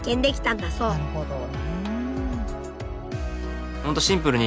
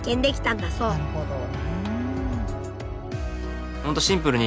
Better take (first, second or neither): first